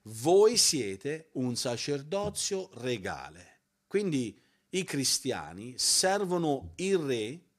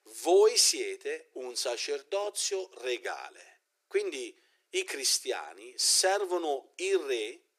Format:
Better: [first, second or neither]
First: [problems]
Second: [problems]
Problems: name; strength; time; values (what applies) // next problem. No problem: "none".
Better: first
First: none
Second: thin; very; fading below 350 Hz